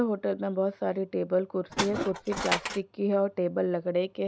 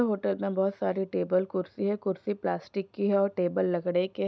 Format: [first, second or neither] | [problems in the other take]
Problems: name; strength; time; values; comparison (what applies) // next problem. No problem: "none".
second | background sound (Tools); 3 dB below the speech